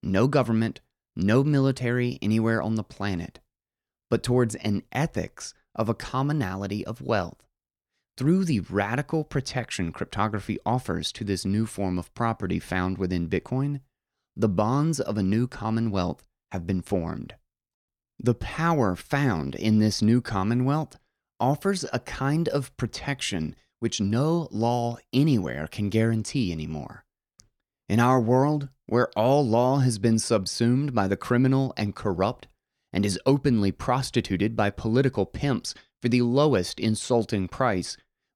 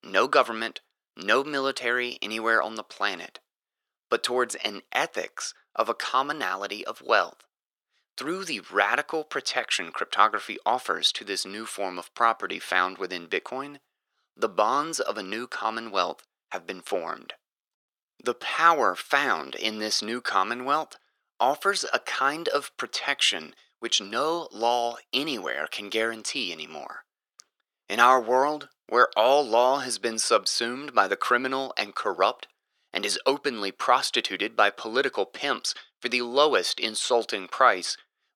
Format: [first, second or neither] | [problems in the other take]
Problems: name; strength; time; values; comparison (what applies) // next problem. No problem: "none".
first | thin; very; fading below 450 Hz